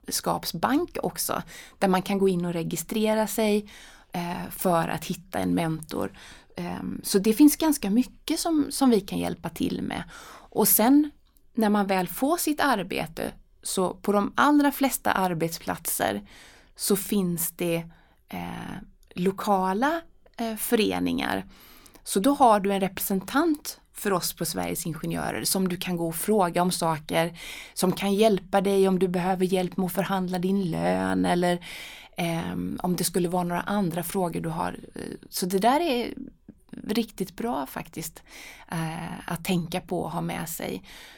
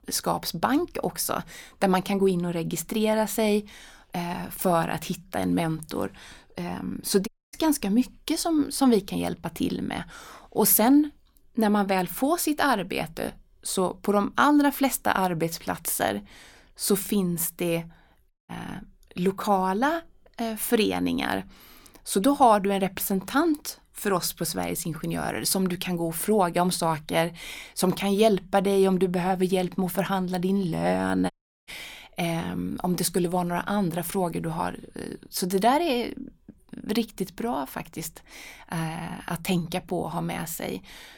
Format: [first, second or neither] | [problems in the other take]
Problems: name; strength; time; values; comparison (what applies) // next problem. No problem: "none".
first | audio cutting out; at 7.5 s, at 18 s and at 31 s